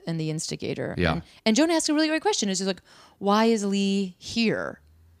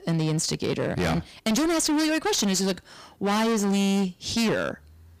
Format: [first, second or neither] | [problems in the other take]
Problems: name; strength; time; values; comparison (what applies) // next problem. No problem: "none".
first | distortion; heavy; 27% of the sound clipped